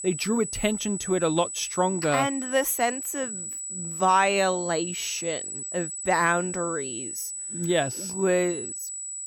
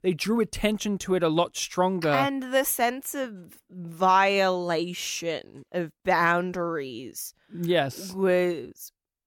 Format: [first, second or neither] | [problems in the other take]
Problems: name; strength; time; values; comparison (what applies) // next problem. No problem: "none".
second | high-pitched whine; loud; throughout; 8 kHz, 6 dB below the speech